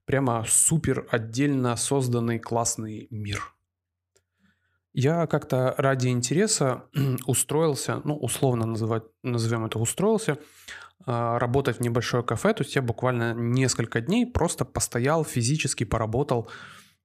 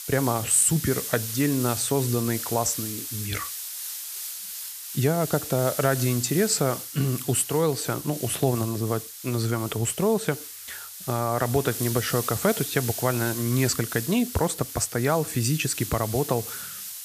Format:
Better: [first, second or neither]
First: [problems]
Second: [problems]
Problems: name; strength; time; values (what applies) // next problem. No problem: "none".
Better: first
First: none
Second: hiss; loud; throughout; 7 dB below the speech